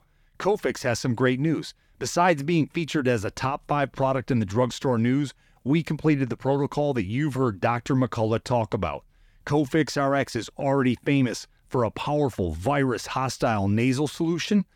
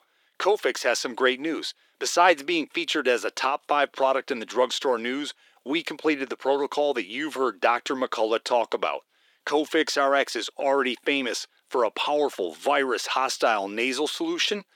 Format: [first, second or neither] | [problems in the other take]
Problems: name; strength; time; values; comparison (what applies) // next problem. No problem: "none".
first | thin; somewhat; fading below 350 Hz